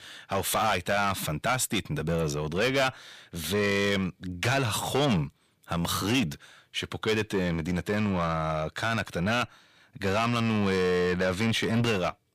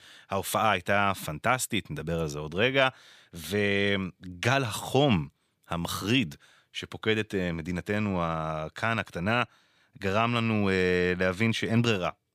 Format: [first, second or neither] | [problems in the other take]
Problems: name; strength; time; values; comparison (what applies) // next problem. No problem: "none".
second | distortion; heavy; 7 dB below the speech